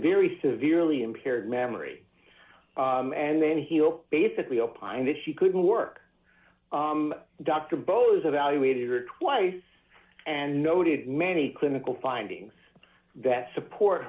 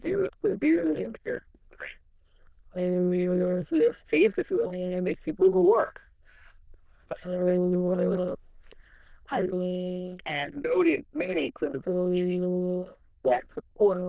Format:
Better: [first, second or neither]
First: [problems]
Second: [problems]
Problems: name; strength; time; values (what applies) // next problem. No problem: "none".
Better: first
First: none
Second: noise reduction (neural diffusion model UNIVERSE++)